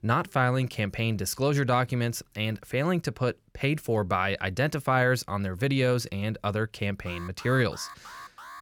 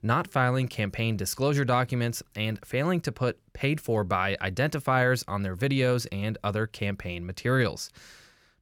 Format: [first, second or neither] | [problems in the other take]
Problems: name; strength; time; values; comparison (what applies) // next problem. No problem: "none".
second | alarm; faint; from 7 s on; peak 15 dB below the speech